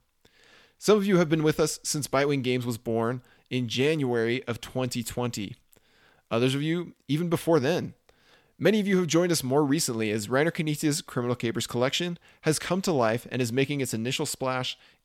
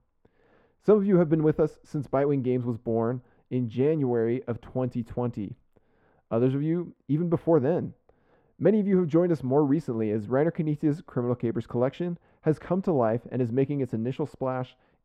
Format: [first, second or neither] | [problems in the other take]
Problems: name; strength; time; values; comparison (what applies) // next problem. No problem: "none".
first | muffled; very; fading above 2 kHz